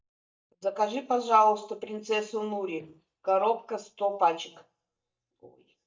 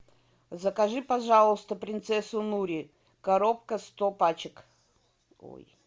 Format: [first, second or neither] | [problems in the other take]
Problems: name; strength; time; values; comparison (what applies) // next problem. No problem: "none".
second | noise reduction (neural mask model DeepFilterNet 3)